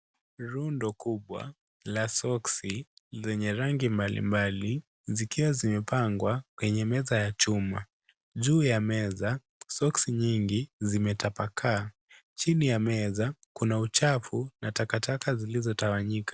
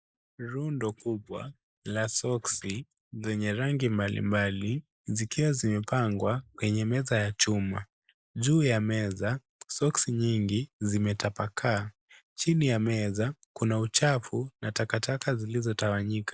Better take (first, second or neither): first